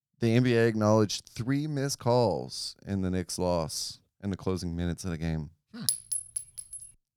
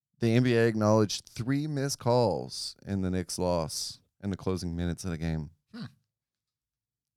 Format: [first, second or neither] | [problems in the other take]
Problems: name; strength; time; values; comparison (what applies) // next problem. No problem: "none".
second | clattering dishes; loud; at 6 s; peak 1 dB above the speech